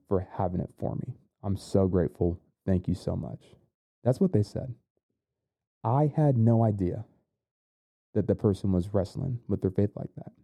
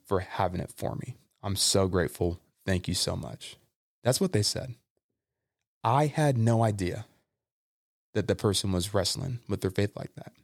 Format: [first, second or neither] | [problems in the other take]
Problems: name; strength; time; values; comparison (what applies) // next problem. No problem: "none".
second | muffled; very; fading above 1.5 kHz